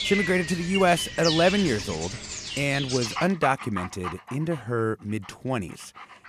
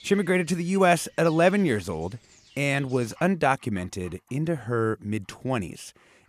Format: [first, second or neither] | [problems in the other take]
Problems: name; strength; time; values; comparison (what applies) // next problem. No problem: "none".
second | animal sounds; loud; throughout; 5 dB below the speech; faint in the second